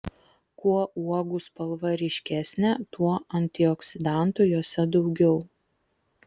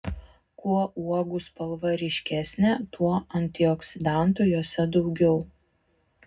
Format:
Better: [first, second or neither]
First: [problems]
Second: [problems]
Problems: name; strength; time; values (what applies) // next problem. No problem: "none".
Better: first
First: none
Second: room echo; dies away in 0.3 s